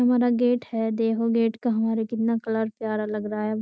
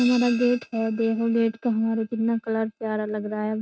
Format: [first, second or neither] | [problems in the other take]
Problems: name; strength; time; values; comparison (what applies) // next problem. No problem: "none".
first | noise reduction (neural mask model RNNoise)